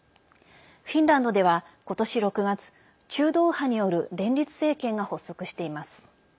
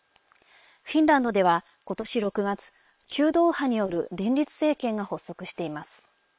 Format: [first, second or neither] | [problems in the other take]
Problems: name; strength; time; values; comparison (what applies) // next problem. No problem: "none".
first | noise reduction (neural separator model SepFormer WHAM!)